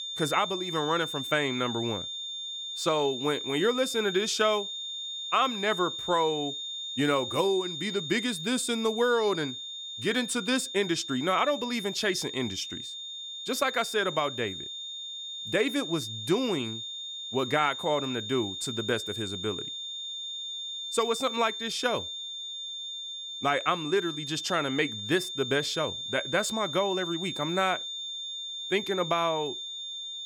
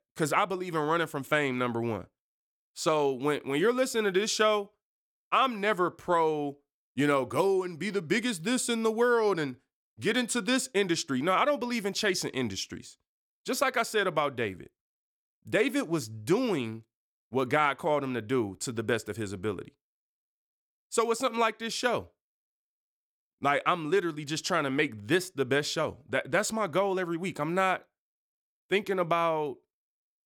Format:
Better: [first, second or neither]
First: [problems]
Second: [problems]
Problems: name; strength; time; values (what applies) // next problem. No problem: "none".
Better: second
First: high-pitched whine; loud; throughout; 3.5 kHz, 5 dB below the speech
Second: none